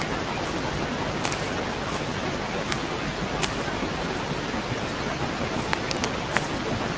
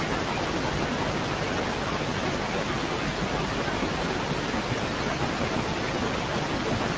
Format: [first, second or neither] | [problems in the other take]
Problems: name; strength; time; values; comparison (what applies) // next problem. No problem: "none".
second | background sound (Walk, footsteps); 10 dB below the speech